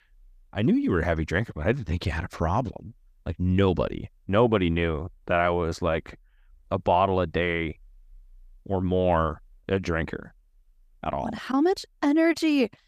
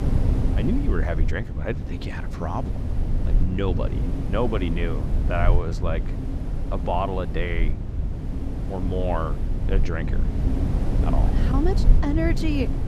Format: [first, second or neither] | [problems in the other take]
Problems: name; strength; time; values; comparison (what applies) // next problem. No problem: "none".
first | wind noise on the microphone; heavy; 7 dB below the speech